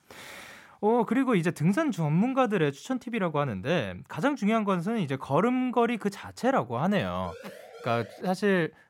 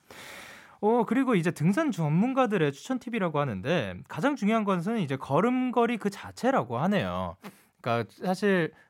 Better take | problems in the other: second | siren; faint; at 7 s; peak 15 dB below the speech

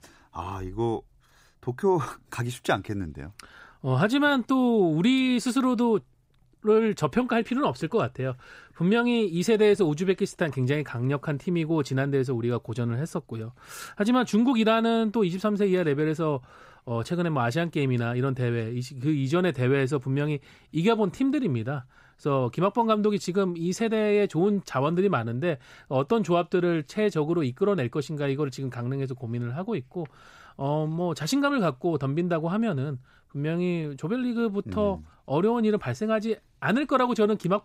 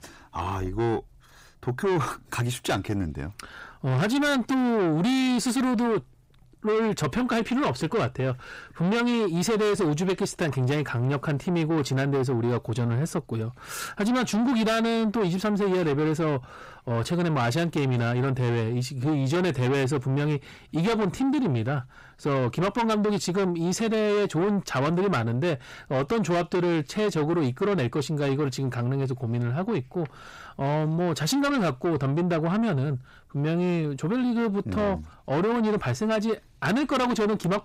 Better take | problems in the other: first | distortion; heavy; 8 dB below the speech

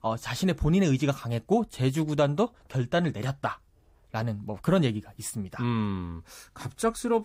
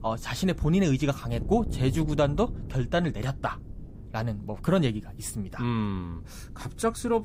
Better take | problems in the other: first | wind noise on the microphone; occasional gusts; 20 dB below the speech

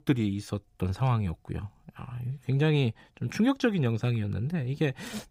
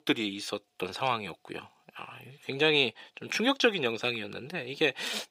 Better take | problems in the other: first | thin; somewhat; fading below 450 Hz

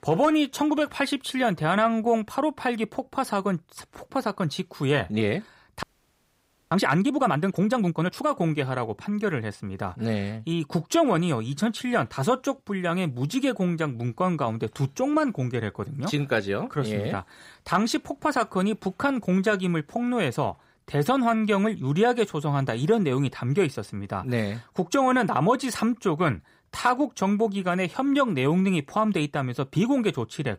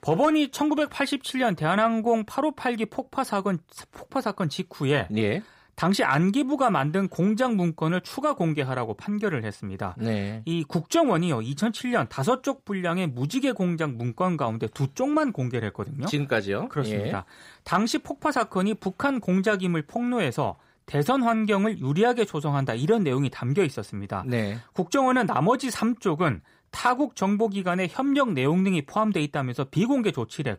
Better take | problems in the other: second | audio freezing; at 6 s for 1 s

